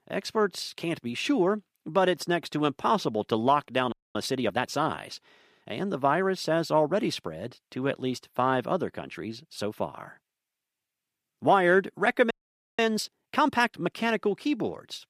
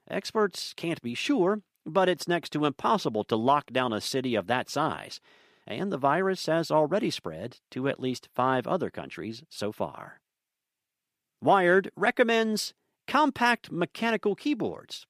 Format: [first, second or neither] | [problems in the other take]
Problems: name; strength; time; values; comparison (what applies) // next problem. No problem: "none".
second | audio freezing; at 4 s and at 12 s